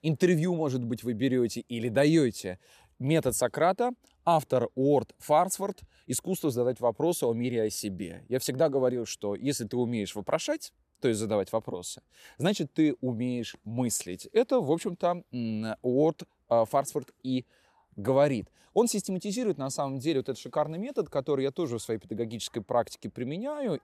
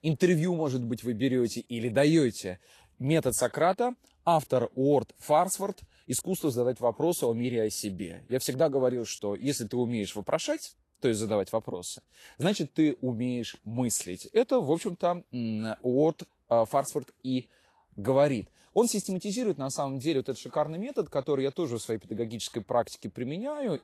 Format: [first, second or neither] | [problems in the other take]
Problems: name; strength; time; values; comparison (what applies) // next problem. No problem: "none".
first | garbled, watery; slightly; nothing above 12.5 kHz